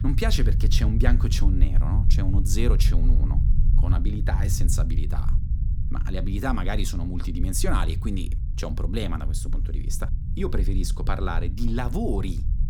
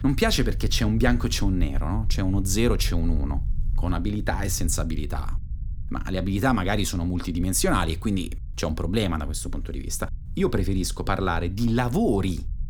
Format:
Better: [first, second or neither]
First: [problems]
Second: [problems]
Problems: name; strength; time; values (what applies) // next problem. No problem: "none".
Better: second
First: low rumble; loud; throughout; 10 dB below the speech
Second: low rumble; faint; throughout; 25 dB below the speech